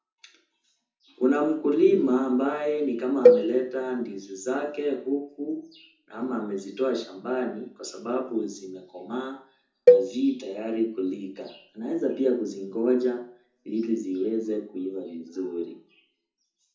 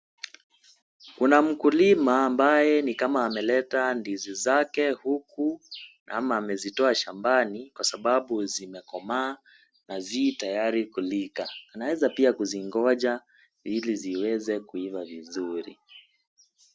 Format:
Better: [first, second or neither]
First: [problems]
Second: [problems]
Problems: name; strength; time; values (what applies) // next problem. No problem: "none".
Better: second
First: background sound (Cowbell); 5 dB above the speech // room echo; dies away in 0.6 s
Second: none